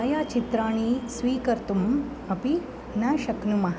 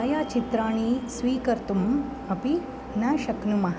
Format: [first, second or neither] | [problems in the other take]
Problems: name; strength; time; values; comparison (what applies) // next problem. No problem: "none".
first | background sound (Wind instrument, woodwind instrument); 16 dB below the speech